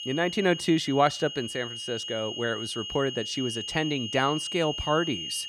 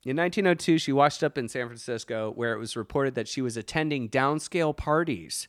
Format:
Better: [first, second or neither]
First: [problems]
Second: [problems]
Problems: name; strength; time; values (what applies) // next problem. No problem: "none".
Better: second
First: high-pitched whine; loud; throughout; 3 kHz, 6 dB below the speech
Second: none